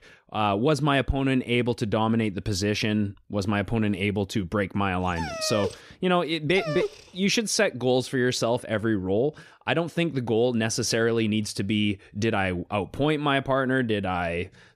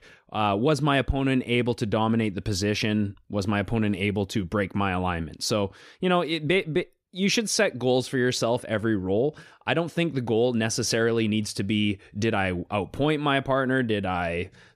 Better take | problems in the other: second | dog barking; noticeable; from 5 to 7 s; peak 5 dB below the speech

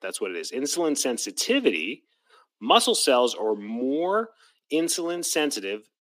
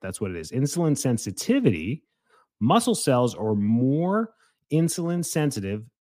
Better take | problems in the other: second | thin; somewhat; fading below 300 Hz

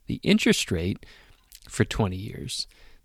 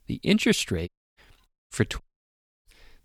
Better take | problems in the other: first | audio cutting out; at 1 s, at 1.5 s and at 2 s for 0.5 s

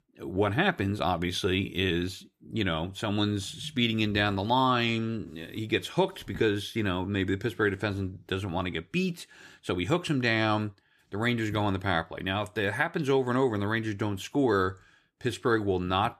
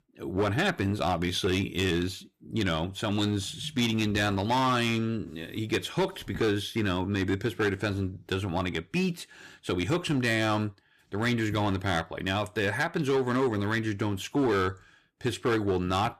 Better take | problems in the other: first | distortion; slight; 7% of the sound clipped

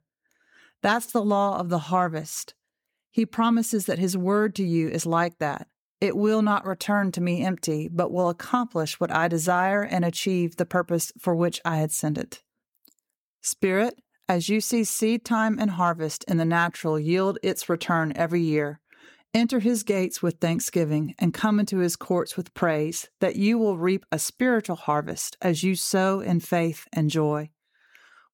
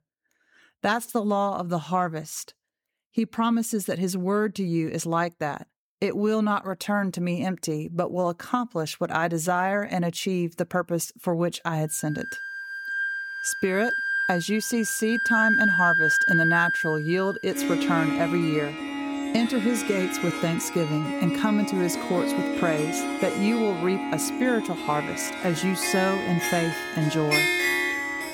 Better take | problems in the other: first | background music; very loud; from 12 s on; as loud as the speech

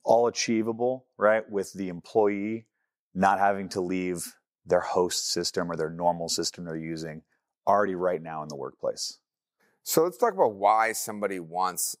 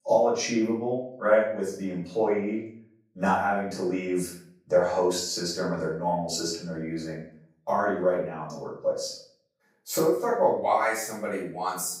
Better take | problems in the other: first | off-mic speech; far // room echo; noticeable; dies away in 0.5 s

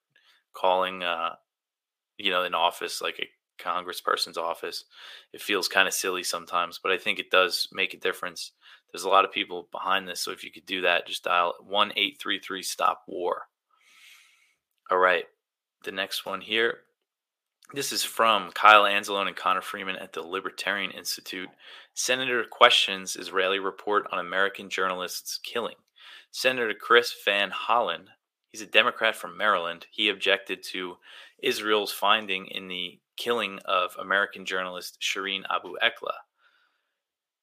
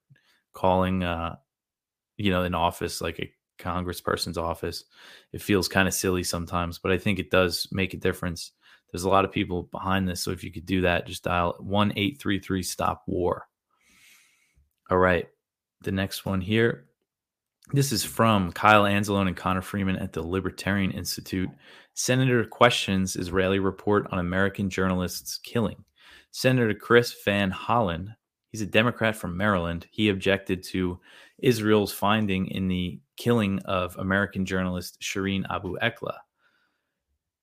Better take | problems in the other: second | thin; very; fading below 550 Hz

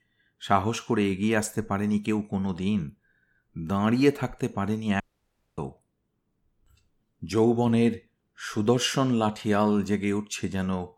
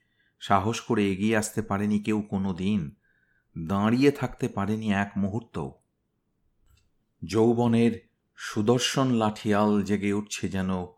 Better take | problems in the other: second | audio cutting out; at 5 s for 0.5 s

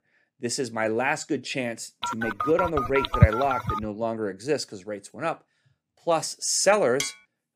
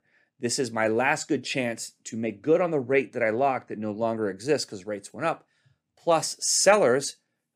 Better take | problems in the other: second | phone ringing; loud; from 2 to 3.5 s; peak 5 dB above the speech // clattering dishes; noticeable; at 7 s; peak 6 dB below the speech

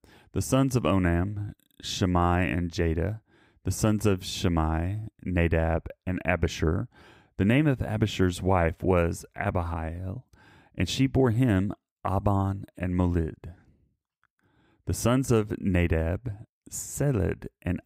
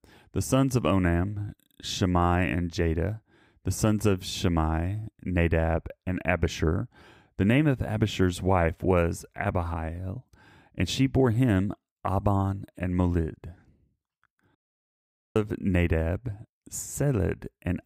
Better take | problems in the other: first | audio cutting out; at 15 s for 1 s

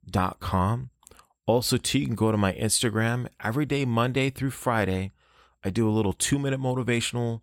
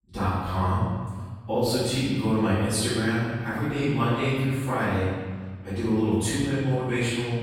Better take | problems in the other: first | off-mic speech; far // room echo; strong; dies away in 1.4 s

